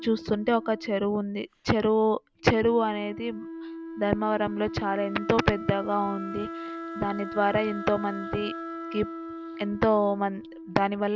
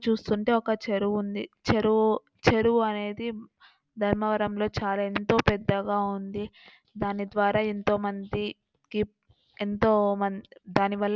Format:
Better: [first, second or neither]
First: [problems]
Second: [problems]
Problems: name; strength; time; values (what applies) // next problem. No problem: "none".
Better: second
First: background sound (Wind instrument, woodwind instrument); 11 dB below the speech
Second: none